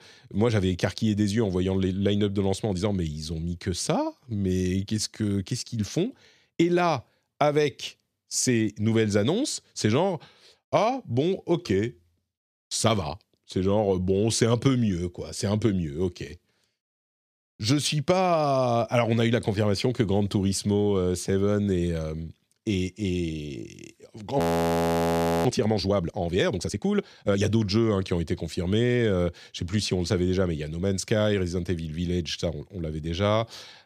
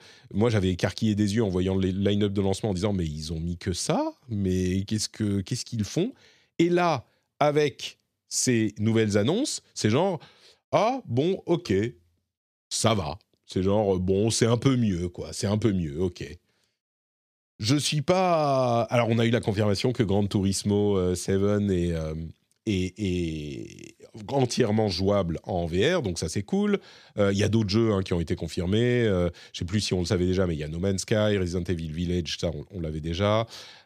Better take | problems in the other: second | audio freezing; at 24 s for 1 s

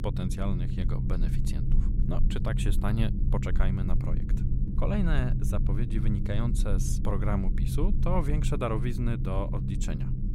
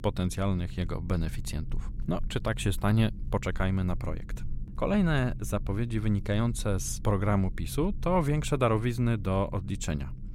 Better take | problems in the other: second | low rumble; loud; throughout; 6 dB below the speech; faint in the second

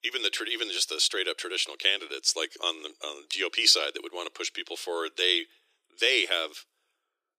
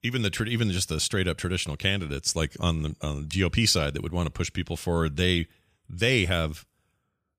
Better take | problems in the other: second | thin; very; fading below 350 Hz

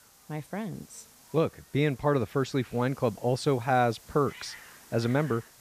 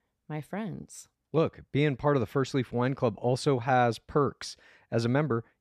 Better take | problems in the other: second | hiss; faint; throughout; 20 dB below the speech

